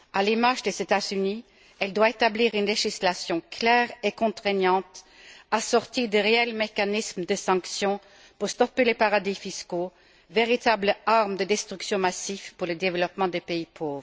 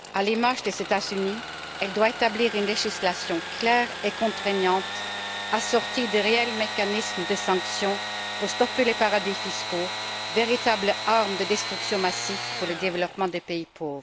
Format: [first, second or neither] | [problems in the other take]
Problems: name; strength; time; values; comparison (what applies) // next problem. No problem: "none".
first | background sound (Sawing / Engine); 6 dB below the speech